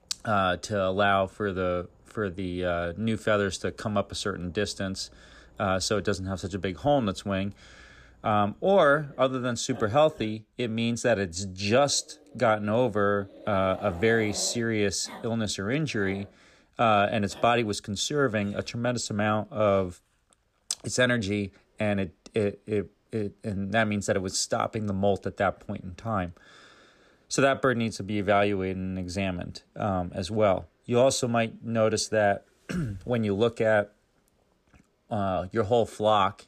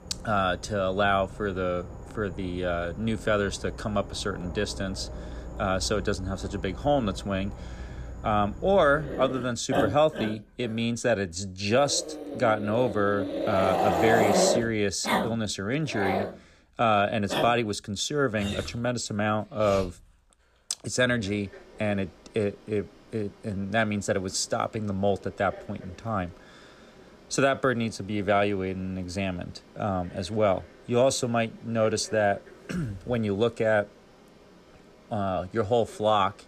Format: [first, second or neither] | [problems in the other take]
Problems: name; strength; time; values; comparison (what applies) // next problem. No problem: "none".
first | animal sounds; loud; throughout; 6 dB below the speech; faint in the first